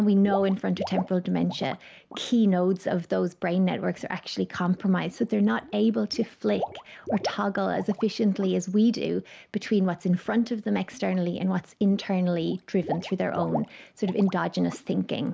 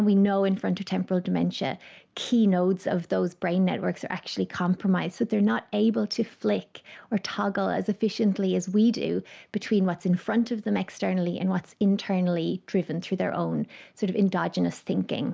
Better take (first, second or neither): second